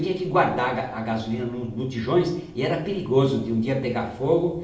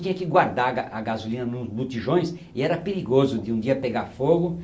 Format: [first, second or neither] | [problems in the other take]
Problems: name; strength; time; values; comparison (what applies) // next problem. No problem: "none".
second | room echo; dies away in 0.9 s